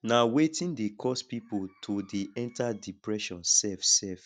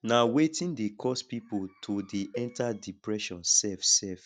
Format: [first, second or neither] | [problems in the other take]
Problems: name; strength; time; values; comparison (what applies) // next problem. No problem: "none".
first | background sound (Cowbell); 18 dB below the speech